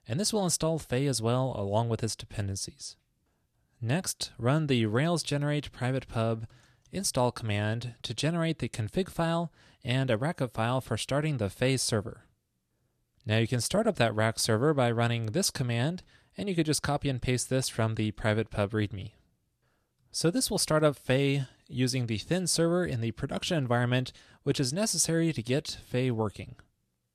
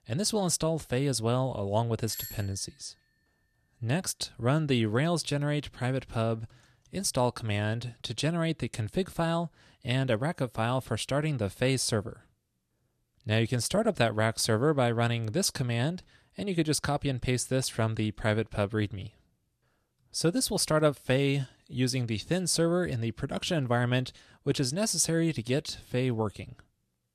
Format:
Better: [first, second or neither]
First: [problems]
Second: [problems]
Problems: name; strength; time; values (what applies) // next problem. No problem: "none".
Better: first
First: none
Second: doorbell; noticeable; at 2 s; peak 9 dB below the speech